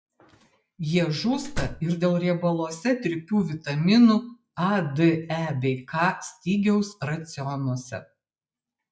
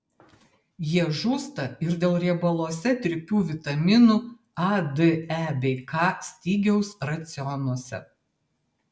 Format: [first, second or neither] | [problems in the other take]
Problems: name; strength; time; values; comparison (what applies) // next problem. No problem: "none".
second | noise reduction (classical method log-MMSE)